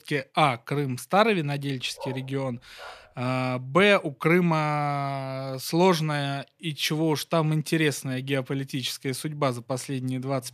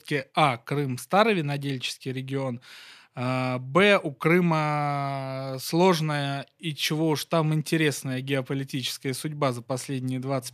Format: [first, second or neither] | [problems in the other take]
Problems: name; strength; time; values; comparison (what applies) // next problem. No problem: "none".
second | dog barking; faint; at 2 s; peak 15 dB below the speech